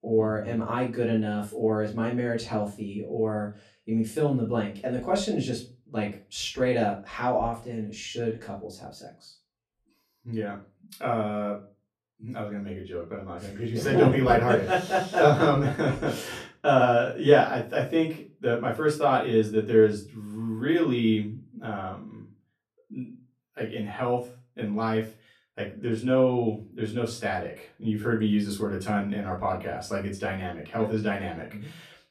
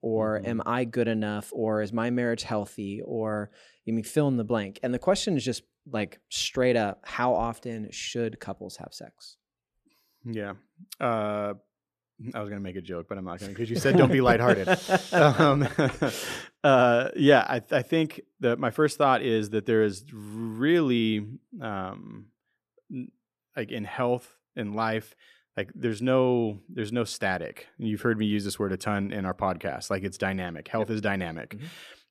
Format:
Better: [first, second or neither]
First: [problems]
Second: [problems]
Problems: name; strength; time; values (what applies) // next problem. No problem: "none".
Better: second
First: off-mic speech; far // room echo; slight; dies away in 0.3 s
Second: none